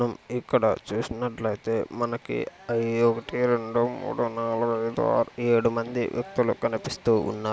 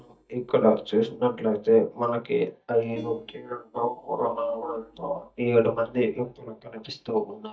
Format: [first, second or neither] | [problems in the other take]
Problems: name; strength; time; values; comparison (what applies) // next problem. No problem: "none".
first | noise reduction (neural mask model DeepFilterNet 3)